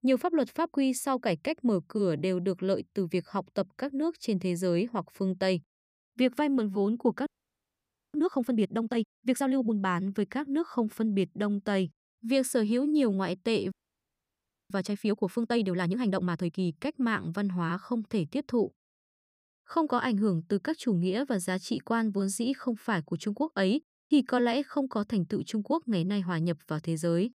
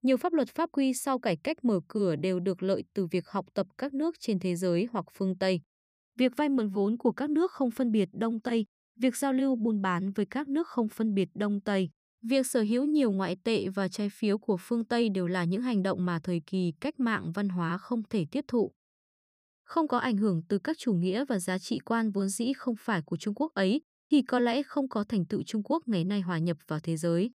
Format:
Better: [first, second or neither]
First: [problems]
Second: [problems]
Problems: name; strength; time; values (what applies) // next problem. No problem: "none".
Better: second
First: audio freezing; at 7.5 s for 1 s and at 14 s for 1 s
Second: none